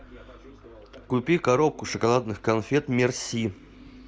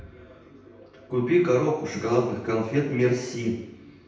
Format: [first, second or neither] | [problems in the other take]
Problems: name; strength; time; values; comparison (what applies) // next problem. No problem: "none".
first | room echo; dies away in 0.8 s